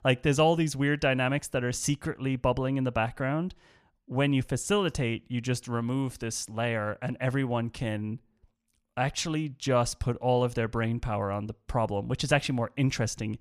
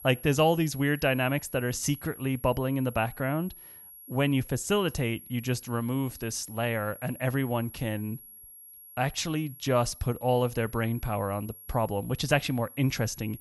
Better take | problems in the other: first | high-pitched whine; noticeable; throughout; 11.5 kHz, 15 dB below the speech

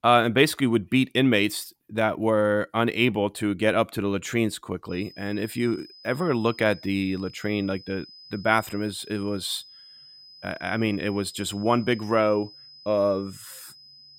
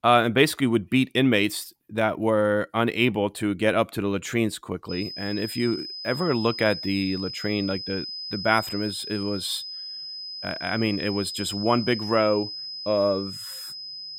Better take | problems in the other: first | high-pitched whine; loud; from 5 s on; 5 kHz, 8 dB below the speech; faint in the first

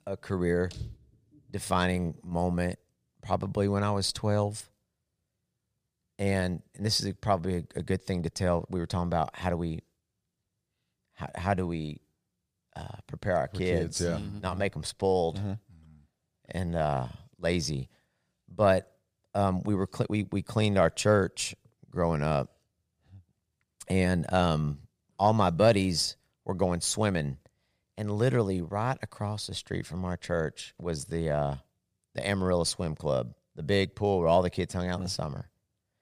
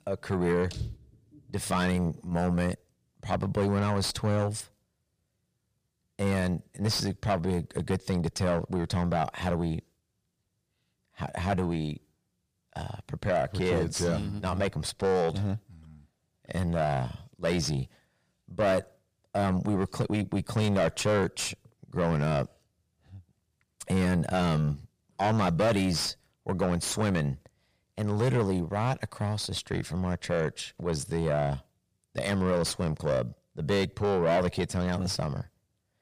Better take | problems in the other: first | distortion; heavy; 7 dB below the speech

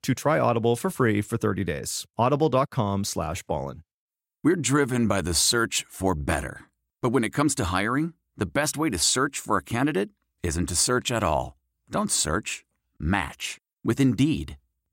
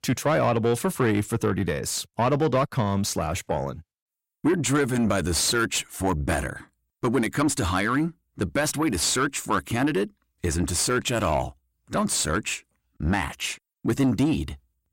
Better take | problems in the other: first | distortion; slight; 10 dB below the speech

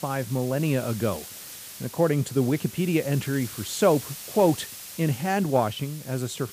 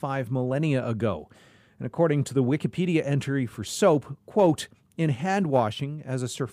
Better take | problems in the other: second | hiss; noticeable; throughout; 15 dB below the speech

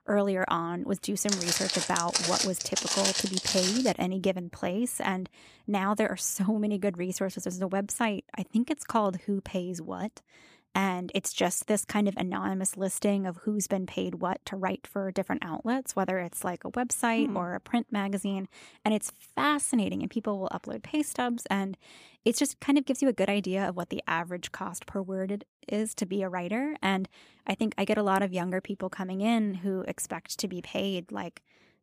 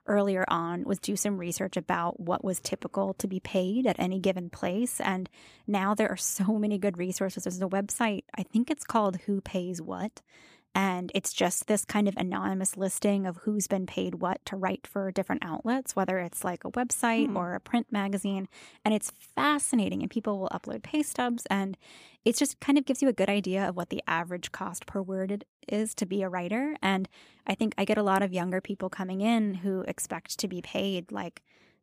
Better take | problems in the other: second | footsteps; loud; from 1.5 to 4 s; peak 4 dB above the speech

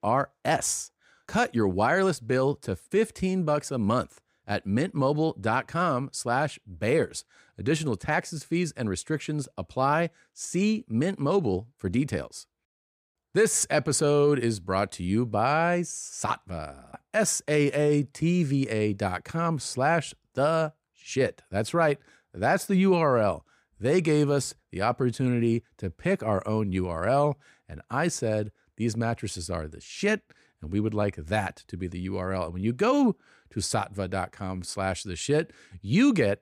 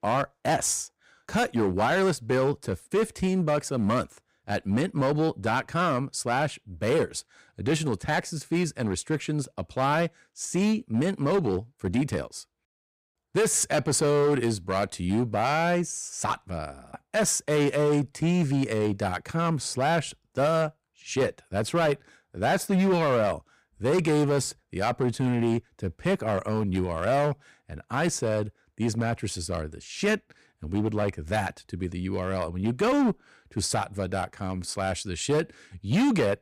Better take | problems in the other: first | distortion; slight; 8% of the sound clipped

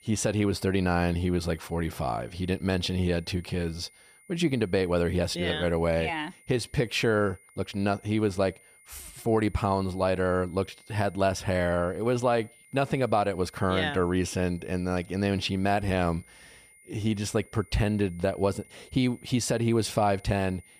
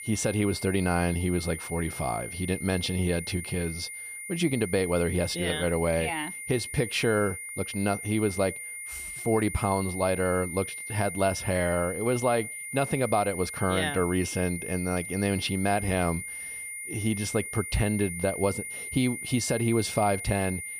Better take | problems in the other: first | high-pitched whine; loud; throughout; 2 kHz, 7 dB below the speech; faint in the first

